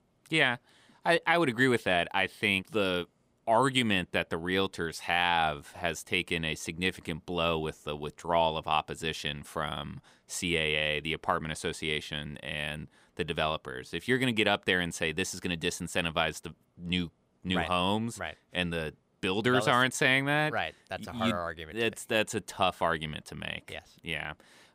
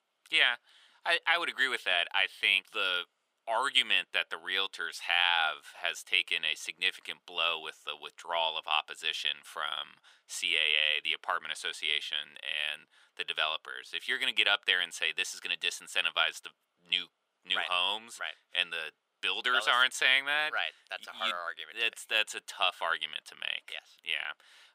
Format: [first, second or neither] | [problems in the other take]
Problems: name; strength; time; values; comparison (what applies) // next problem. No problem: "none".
first | thin; very; fading below 750 Hz